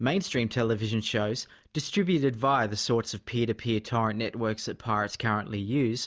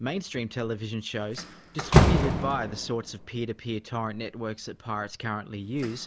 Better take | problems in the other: first | background sound (Slam); 3 dB above the speech

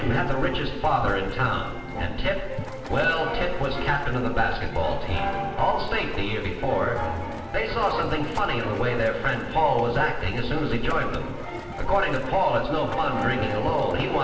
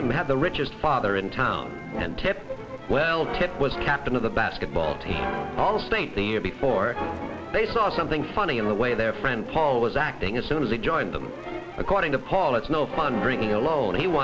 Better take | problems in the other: second | background sound (Boiling); 16 dB below the speech // room echo; dies away in 1 s

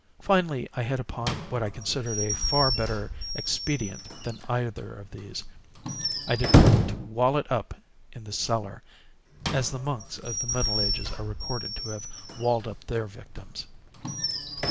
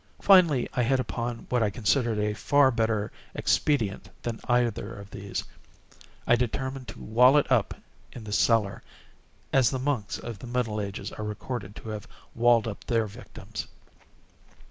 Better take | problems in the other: second | background sound (Squeak / Slam / Wood); 1 dB above the speech

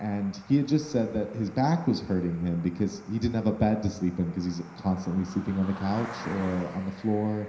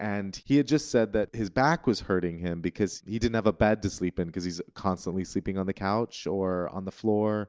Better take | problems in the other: second | background sound (Cricket); 18 dB below the speech // room echo; dies away in 0.9 s

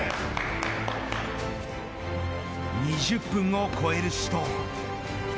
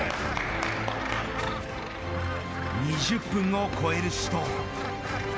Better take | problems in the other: first | background sound (Gull, seagull); 9 dB below the speech

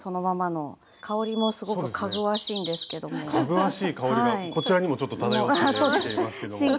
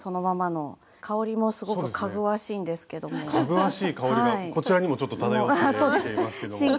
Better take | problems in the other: second | background sound (Bird vocalization, bird call, bird song); 13 dB below the speech

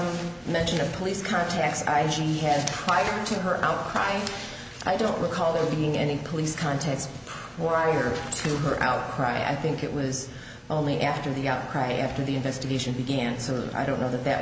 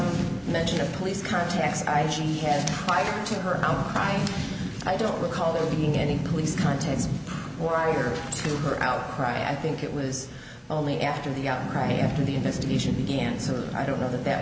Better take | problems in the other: first | background sound (Rain / Thunderstorm); 4 dB below the speech

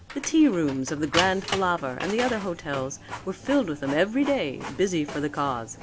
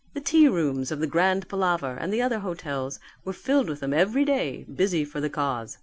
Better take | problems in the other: second | background sound (Printer); 10 dB below the speech

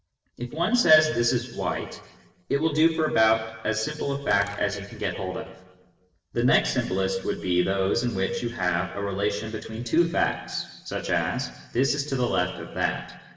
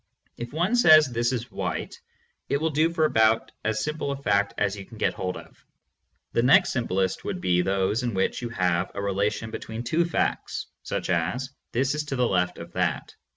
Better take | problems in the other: second | noise reduction (neural separator model SepFormer DNS4)

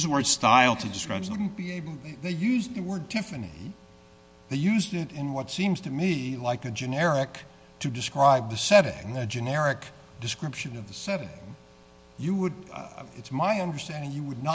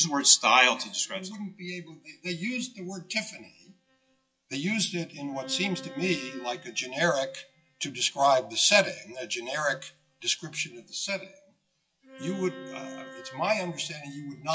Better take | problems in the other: first | noise reduction (classical method WPE with log-MMSE)

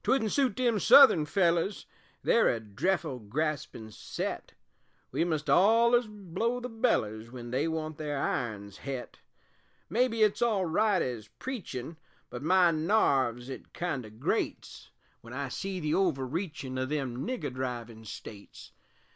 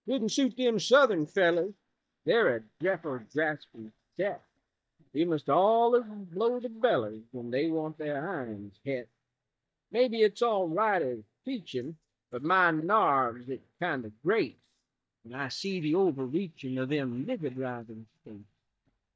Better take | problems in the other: first | noise reduction (neural mask model DeepFilterNet 3)

